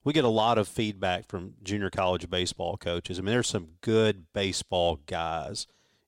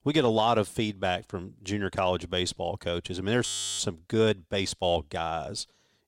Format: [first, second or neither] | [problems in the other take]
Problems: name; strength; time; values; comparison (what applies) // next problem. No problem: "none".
first | audio freezing; at 3.5 s